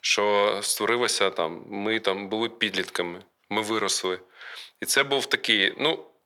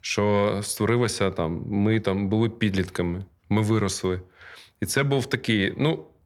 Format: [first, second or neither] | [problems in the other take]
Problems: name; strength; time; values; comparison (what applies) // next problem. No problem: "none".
second | thin; very; fading below 500 Hz